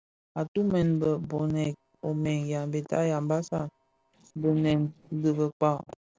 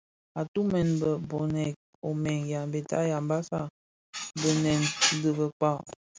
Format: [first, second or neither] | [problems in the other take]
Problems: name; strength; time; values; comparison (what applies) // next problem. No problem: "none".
second | noise reduction (neural separator model SepFormer DNS4)